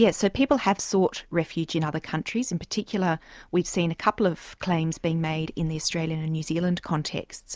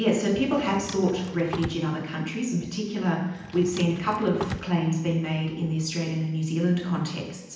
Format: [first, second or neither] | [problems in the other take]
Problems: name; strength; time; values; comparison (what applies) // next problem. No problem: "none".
first | background sound (Drawer open or close); 12 dB below the speech // room echo; dies away in 0.9 s